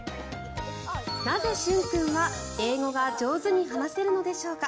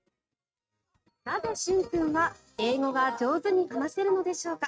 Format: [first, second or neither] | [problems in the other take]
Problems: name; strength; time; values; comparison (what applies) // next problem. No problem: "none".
first | noise reduction (neural mask model RNNoise)